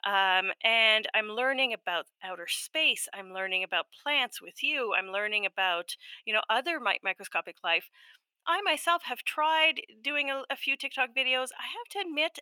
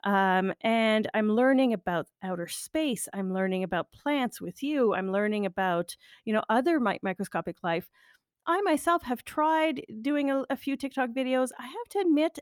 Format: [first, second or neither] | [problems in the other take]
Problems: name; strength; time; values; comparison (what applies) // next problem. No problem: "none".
second | thin; very; fading below 700 Hz